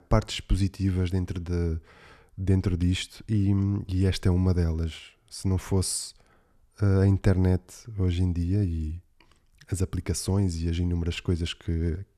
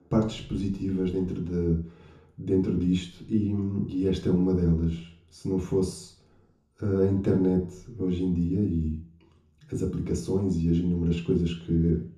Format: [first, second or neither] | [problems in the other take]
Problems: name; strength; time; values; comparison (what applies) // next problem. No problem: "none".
first | room echo; slight; dies away in 0.6 s // off-mic speech; far